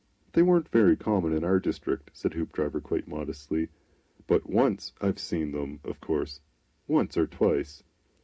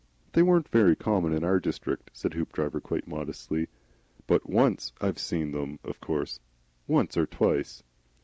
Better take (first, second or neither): second